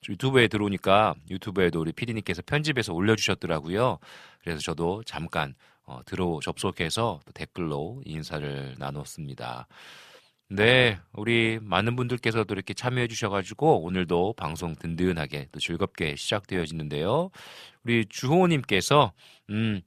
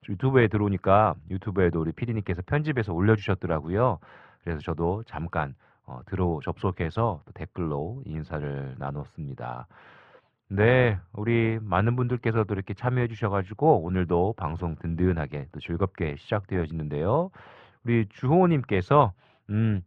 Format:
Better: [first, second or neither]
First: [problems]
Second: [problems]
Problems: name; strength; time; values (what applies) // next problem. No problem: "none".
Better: first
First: none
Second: muffled; very; fading above 1.5 kHz